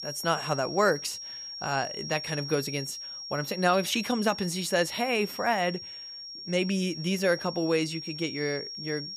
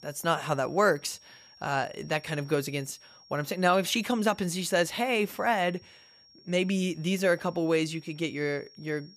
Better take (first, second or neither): second